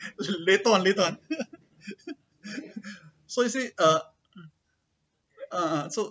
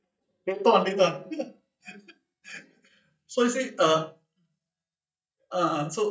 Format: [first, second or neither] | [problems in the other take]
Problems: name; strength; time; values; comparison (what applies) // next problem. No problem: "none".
first | noise reduction (neural mask model DeepFilterNet 3)